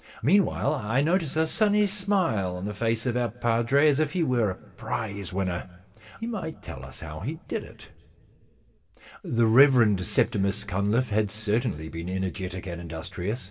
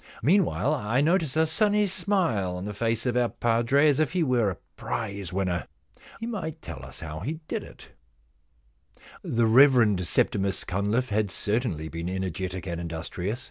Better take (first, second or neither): second